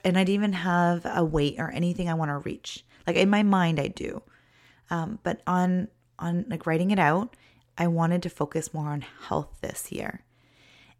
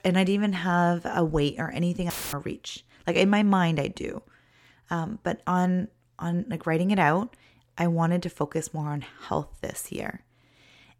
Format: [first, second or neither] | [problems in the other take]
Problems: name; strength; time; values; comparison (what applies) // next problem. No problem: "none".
first | audio cutting out; filled with static; at 2 s